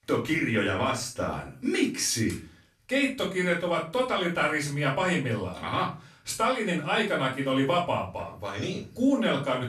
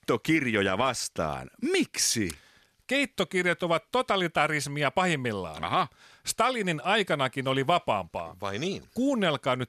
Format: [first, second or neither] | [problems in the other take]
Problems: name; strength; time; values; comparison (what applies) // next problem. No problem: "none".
second | off-mic speech; far // room echo; slight; dies away in 0.3 s